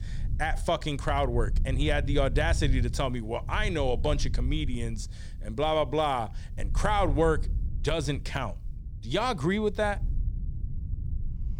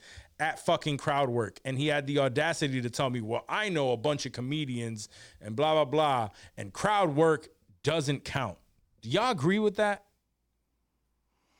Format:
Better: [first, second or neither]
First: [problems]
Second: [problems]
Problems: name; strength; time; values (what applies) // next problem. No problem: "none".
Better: second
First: low rumble; faint; throughout; 20 dB below the speech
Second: none